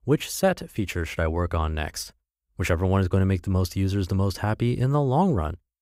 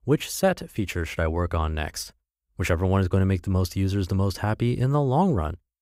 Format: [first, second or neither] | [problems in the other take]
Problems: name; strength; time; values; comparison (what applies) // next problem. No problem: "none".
neither | none